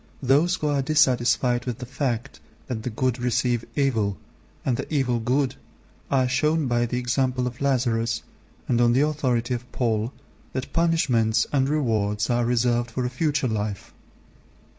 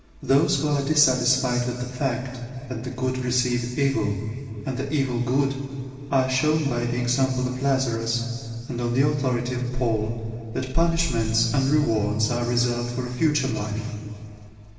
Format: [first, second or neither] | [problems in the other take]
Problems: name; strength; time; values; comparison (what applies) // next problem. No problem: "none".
first | room echo; dies away in 2.4 s